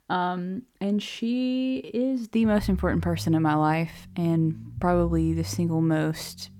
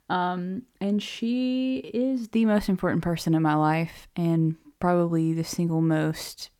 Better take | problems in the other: second | low rumble; faint; from 2.5 s on; 25 dB below the speech

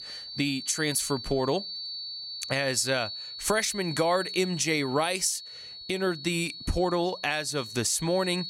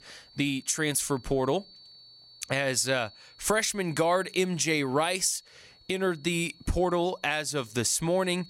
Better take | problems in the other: second | high-pitched whine; loud; throughout; 4.5 kHz, 9 dB below the speech; faint in the second

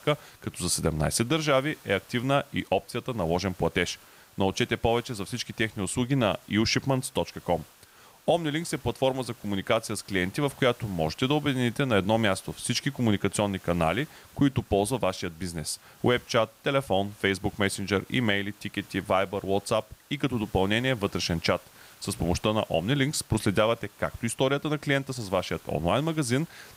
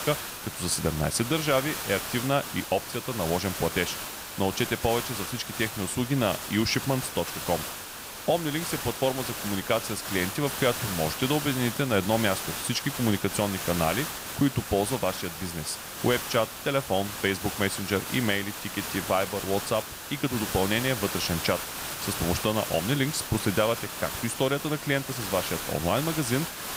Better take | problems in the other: first | hiss; loud; throughout; 5 dB below the speech; faint in the first

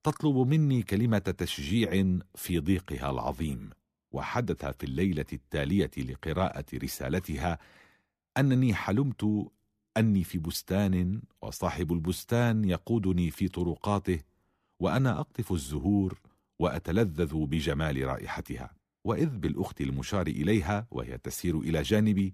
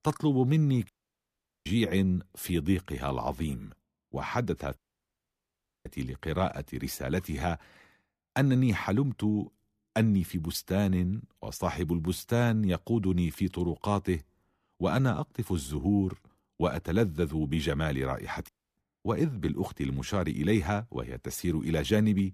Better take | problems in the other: first | audio cutting out; at 1 s for 1 s, at 5 s for 1 s and at 18 s

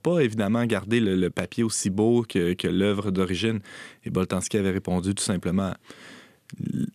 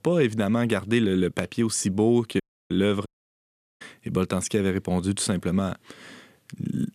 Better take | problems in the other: first | audio cutting out; at 2.5 s and at 3 s for 0.5 s

